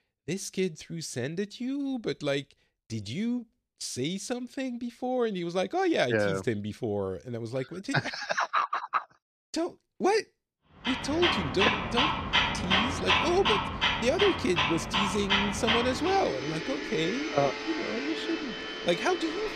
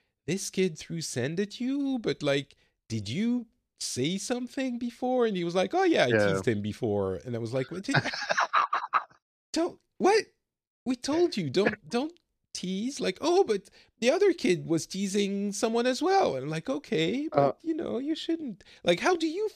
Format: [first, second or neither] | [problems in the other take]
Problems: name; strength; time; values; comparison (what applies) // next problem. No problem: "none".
second | household noises; very loud; from 11 s on; 2 dB above the speech